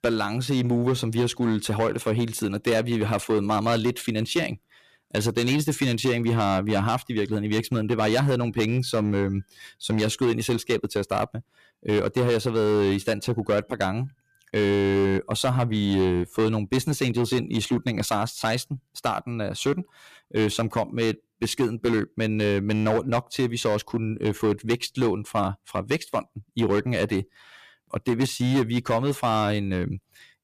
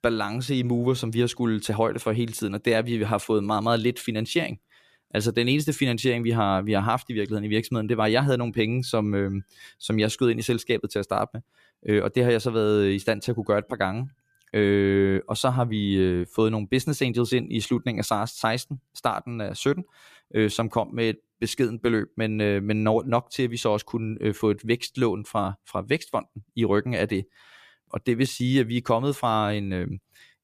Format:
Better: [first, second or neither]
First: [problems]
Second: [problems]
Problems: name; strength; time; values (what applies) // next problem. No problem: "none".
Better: second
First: distortion; slight; 8% of the sound clipped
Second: none